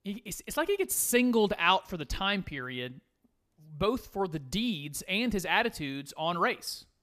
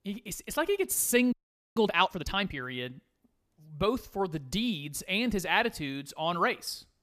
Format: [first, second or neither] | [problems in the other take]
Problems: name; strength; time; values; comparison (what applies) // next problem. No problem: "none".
first | audio freezing; at 1.5 s